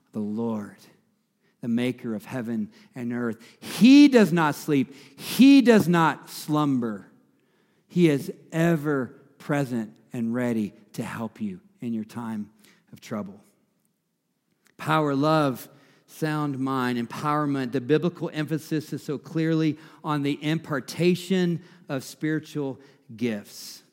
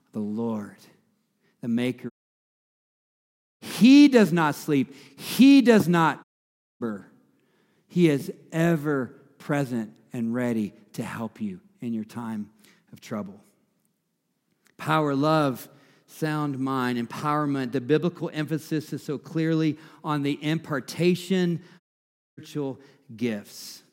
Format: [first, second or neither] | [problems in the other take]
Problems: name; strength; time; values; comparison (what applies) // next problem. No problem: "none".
first | audio cutting out; at 2 s for 1.5 s, at 6 s for 0.5 s and at 22 s for 0.5 s